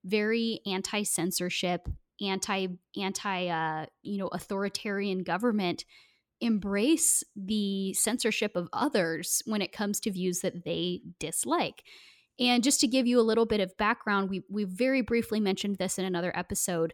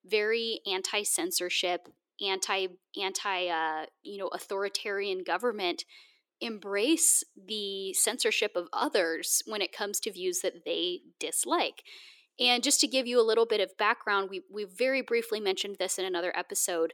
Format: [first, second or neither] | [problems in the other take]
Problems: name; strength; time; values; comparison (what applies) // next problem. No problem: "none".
first | thin; somewhat; fading below 350 Hz